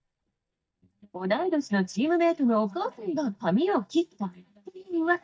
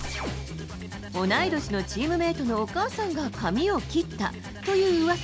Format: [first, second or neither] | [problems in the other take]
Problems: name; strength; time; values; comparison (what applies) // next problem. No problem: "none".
second | noise reduction (neural mask model DeepFilterNet 3)